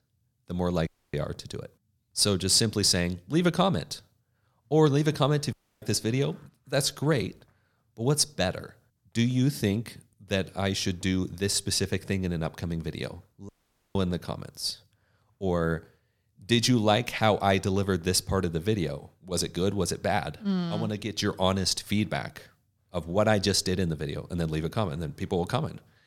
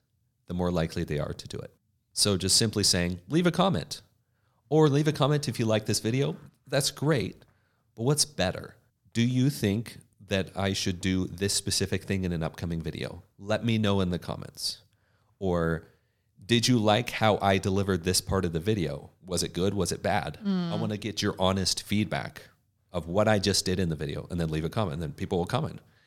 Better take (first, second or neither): second